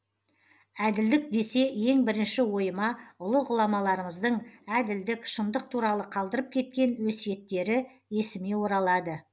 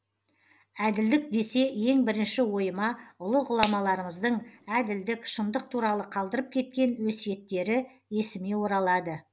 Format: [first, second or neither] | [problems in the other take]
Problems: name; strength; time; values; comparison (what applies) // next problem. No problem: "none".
first | background sound (Finger snapping); 10 dB below the speech